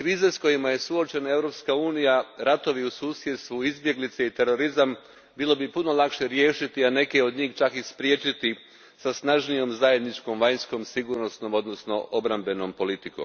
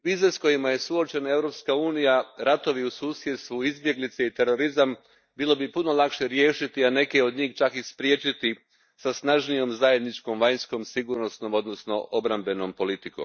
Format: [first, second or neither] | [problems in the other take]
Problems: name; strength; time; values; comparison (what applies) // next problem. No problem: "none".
first | noise reduction (neural mask model DeepFilterNet 3)